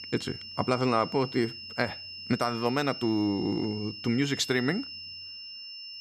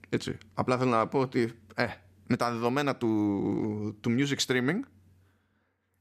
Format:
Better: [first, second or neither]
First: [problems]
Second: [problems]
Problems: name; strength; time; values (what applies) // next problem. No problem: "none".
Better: second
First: high-pitched whine; loud; throughout; 5.5 kHz, 10 dB below the speech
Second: none